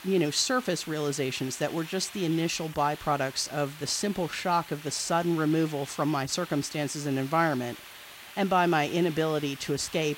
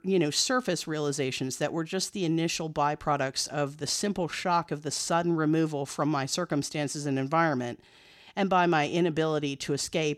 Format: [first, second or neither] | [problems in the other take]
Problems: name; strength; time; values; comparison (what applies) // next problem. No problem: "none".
second | hiss; noticeable; throughout; 15 dB below the speech